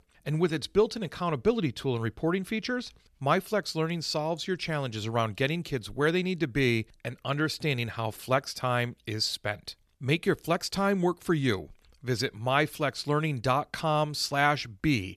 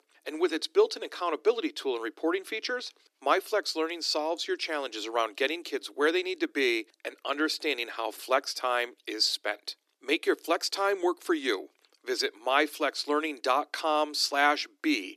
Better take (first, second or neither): first